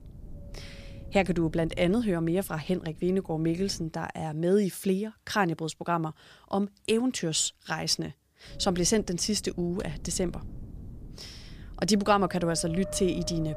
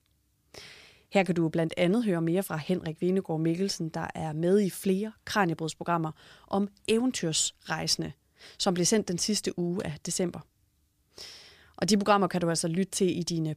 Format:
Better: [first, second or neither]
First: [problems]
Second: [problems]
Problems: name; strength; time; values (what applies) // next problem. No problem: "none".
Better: second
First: wind noise on the microphone; occasional gusts; until 4 s and from 8.5 s on; 20 dB below the speech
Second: none